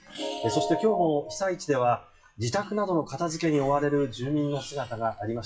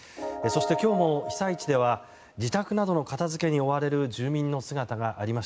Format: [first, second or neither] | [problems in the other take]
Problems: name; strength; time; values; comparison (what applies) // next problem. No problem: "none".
second | noise reduction (classical method WPE with log-MMSE)